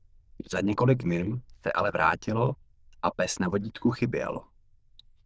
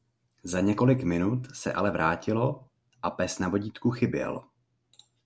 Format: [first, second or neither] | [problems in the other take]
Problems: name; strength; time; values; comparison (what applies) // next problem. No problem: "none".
second | noise reduction (neural diffusion model UNIVERSE++)